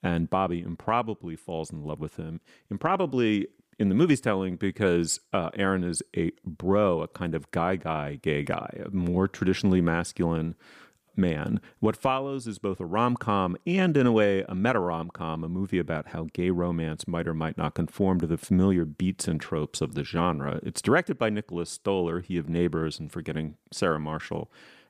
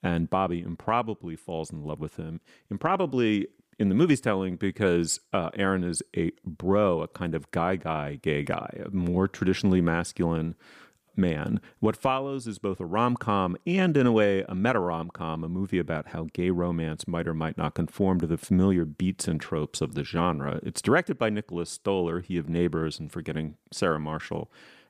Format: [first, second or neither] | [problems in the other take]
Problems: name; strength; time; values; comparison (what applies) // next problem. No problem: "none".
neither | none